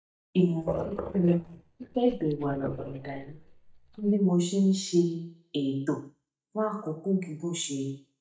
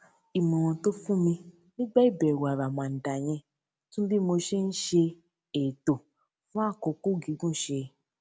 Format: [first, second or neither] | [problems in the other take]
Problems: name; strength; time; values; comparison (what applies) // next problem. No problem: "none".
second | noise reduction (neural mask model DeepFilterNet 3)